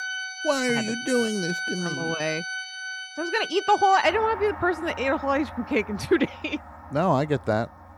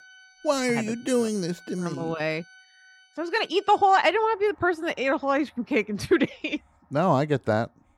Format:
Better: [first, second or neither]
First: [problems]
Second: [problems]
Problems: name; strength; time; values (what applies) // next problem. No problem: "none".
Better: second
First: background music; loud; throughout; 7 dB below the speech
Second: background music; faint; throughout; 30 dB below the speech